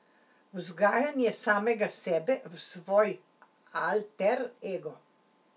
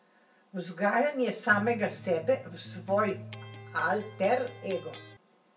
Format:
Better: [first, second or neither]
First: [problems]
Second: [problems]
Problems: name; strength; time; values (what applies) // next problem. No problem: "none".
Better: first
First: none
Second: background sound (Electric guitar); 14 dB below the speech // room echo; dies away in 0.4 s